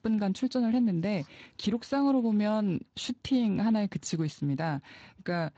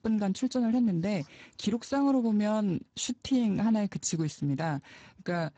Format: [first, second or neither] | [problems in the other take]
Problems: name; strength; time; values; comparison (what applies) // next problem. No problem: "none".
first | garbled, watery; badly; nothing above 7.5 kHz; slightly in the first